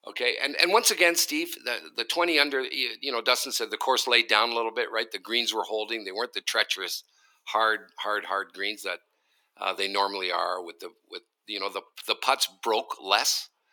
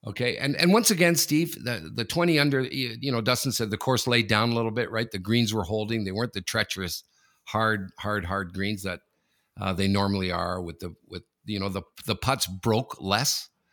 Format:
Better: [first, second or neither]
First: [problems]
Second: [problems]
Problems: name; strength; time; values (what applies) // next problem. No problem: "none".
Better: second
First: thin; very; fading below 350 Hz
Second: none